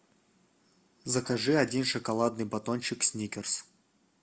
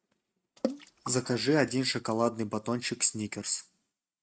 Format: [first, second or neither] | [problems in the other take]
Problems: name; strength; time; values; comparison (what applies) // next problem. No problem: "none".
first | noise reduction (neural mask model RNNoise)